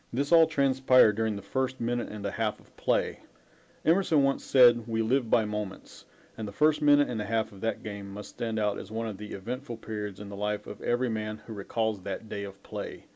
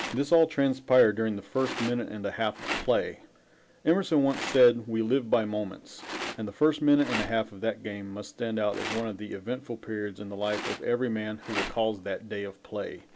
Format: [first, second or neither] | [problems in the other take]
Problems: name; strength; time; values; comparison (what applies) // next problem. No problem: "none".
first | background sound (Rattle); 13 dB below the speech